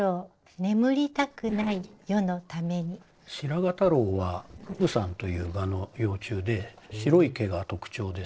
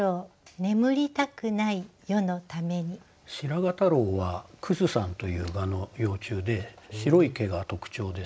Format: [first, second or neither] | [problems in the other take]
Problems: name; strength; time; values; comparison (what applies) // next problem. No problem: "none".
second | noise reduction (neural separator model SepFormer DNS4)